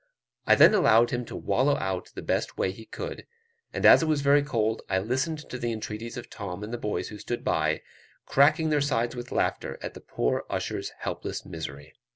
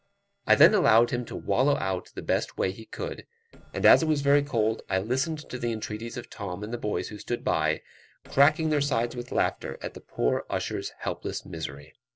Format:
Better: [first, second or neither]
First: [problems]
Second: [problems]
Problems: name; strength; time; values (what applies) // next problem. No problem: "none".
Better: first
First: none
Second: noise reduction (neural separator model SepFormer DNS4)